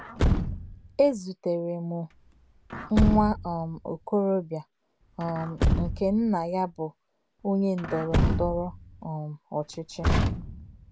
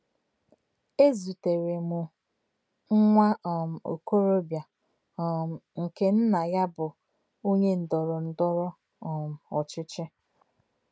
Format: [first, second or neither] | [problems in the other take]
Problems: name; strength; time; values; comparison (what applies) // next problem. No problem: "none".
second | background sound (Truck); 1 dB below the speech